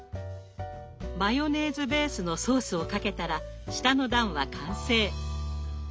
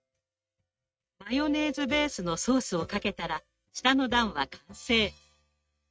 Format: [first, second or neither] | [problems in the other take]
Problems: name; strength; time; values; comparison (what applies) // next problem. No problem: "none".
first | noise reduction (neural mask model RNNoise)